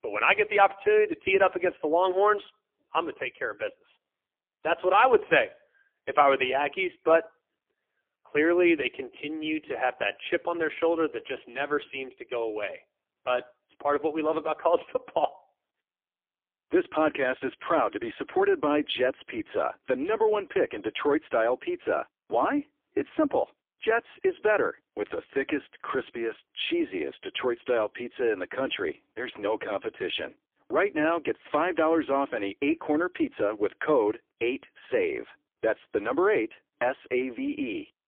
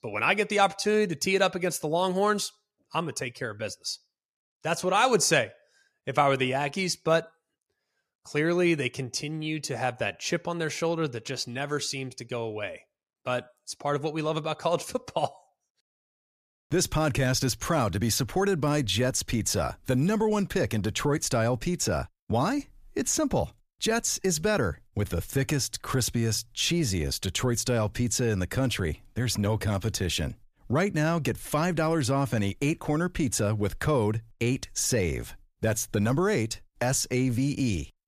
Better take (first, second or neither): second